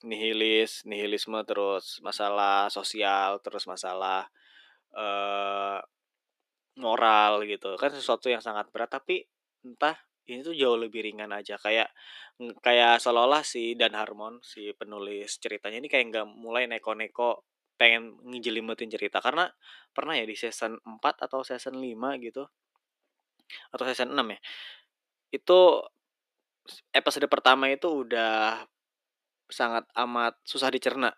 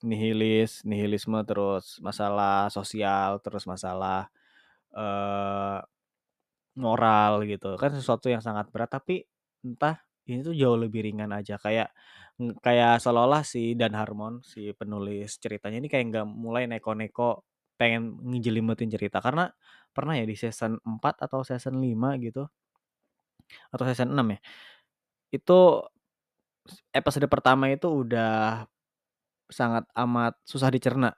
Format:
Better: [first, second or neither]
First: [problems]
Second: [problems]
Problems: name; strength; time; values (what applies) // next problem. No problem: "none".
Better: second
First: thin; somewhat; fading below 350 Hz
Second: none